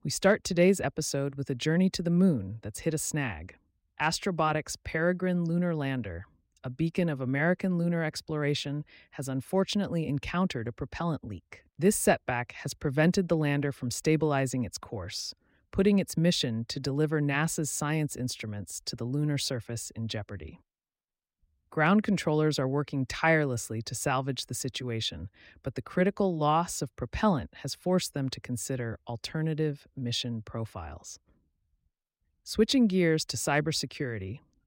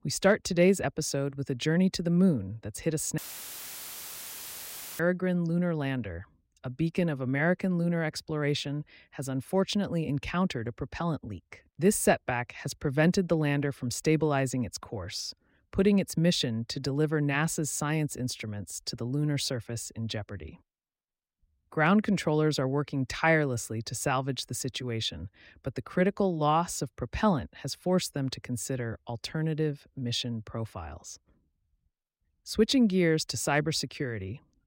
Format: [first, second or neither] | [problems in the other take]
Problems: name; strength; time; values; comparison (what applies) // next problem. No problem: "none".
first | audio cutting out; filled with static; at 3 s for 2 s